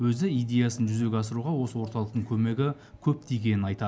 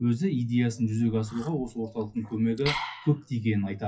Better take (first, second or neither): first